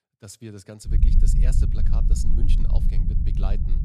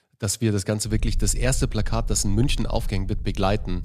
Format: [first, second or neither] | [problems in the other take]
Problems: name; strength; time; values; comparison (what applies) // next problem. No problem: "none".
second | low rumble; loud; from 1 s on; as loud as the speech; faint in the second